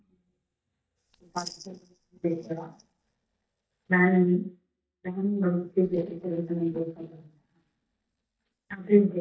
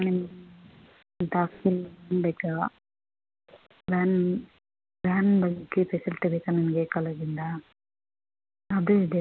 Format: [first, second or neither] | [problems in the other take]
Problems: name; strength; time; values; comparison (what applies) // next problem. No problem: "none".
second | noise reduction (neural mask model DeepFilterNet 3)